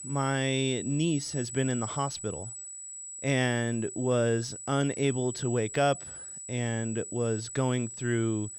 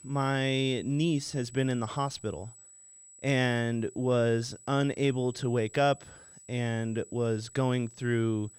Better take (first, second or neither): second